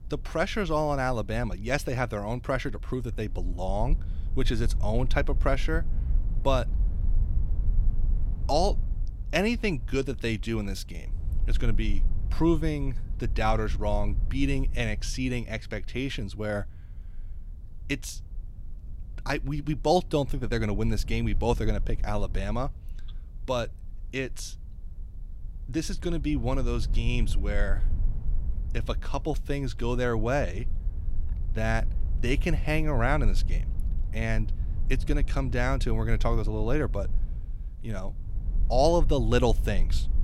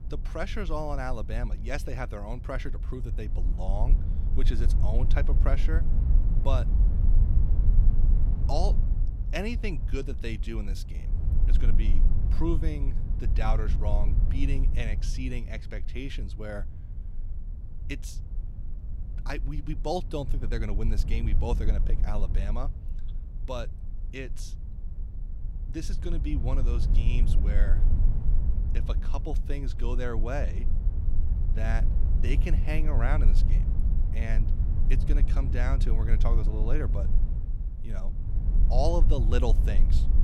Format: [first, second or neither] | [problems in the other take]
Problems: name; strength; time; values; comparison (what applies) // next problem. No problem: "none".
first | low rumble; loud; throughout; 10 dB below the speech; faint in the first